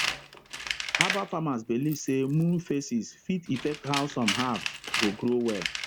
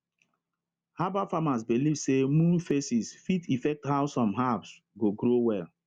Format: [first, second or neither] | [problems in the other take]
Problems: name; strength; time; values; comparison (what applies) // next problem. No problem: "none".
second | background sound (Tools); 5 dB below the speech